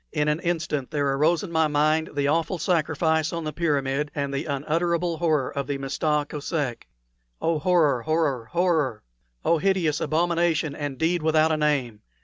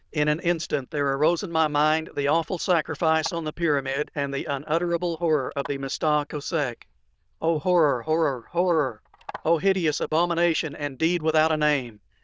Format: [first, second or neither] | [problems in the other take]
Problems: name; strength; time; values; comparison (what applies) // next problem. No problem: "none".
first | noise reduction (neural diffusion model UNIVERSE++)